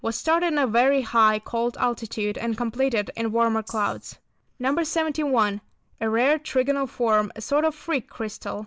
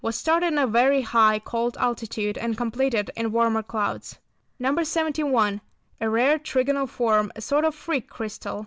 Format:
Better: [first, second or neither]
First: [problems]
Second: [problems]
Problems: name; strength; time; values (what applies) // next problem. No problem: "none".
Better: second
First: noise reduction (neural mask model Resemble Enhance denoiser)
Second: none